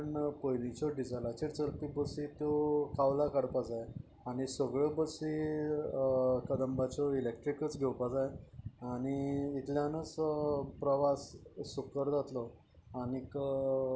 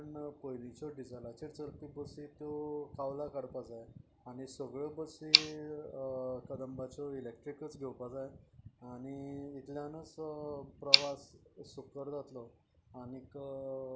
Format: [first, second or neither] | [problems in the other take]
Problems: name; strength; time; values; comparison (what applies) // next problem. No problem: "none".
first | background sound (Tick); 3 dB above the speech